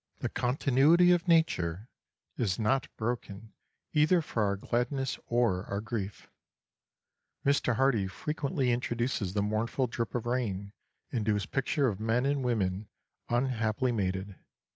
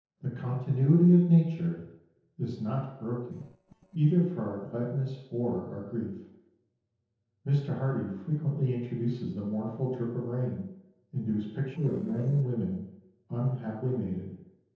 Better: first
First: none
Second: noise reduction (neural separator model SepFormer DNS4)

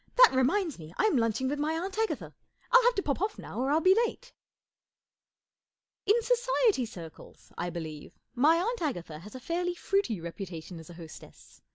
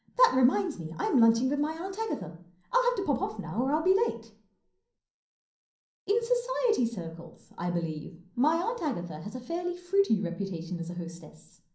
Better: first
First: none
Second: room echo; dies away in 0.6 s

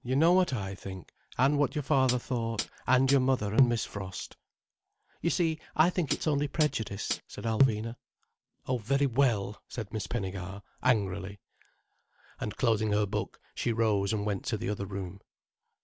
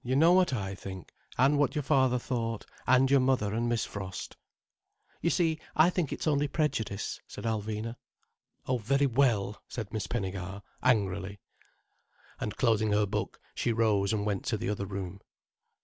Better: second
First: background sound (Hi-hat); 3 dB below the speech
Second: none

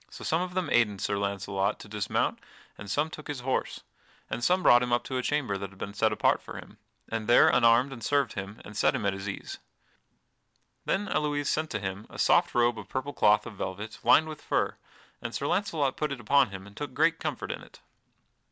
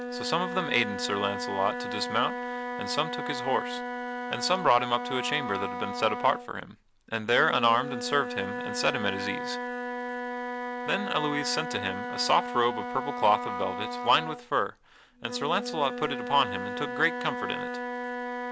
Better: first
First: none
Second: background sound (Wind instrument, woodwind instrument); 5 dB below the speech

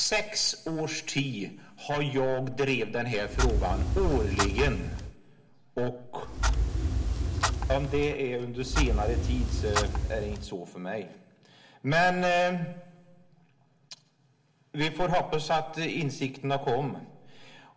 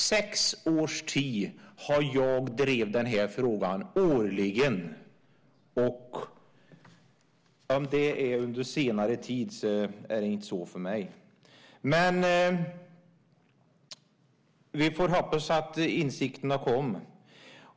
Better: second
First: background sound (Clock); 2 dB above the speech // room echo; dies away in 1 s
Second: none

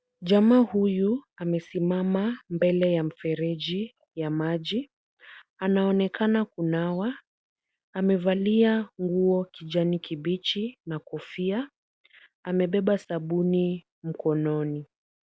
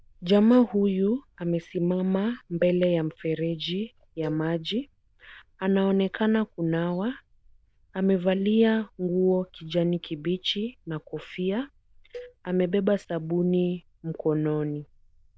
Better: first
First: none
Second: noise reduction (neural diffusion model UNIVERSE++)

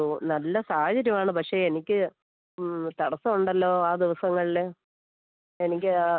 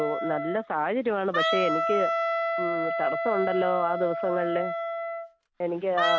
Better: first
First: none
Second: background sound (Wind instrument, woodwind instrument); 1 dB below the speech

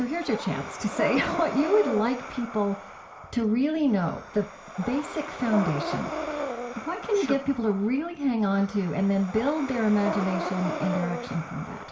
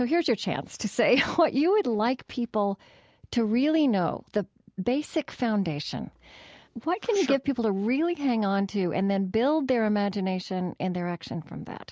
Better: second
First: background sound (Breathing); 8 dB below the speech // room echo; dies away in 0.4 s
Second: none

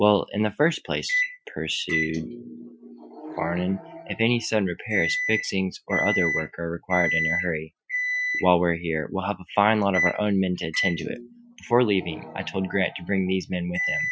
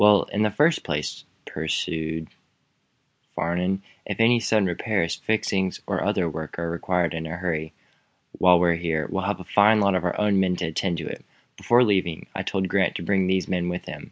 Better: second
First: noise reduction (classical method Wiener filter)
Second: none

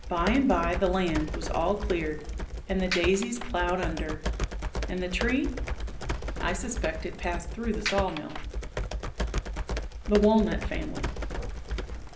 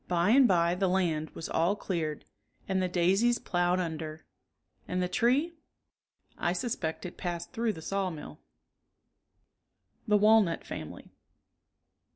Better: second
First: background sound (Computer keyboard); 3 dB below the speech // room echo; dies away in 0.5 s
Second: none

